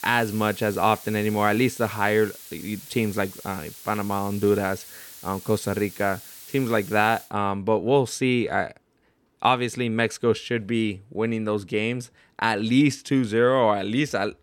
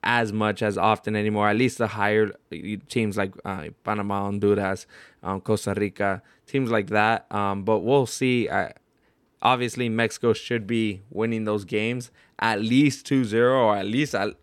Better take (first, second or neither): second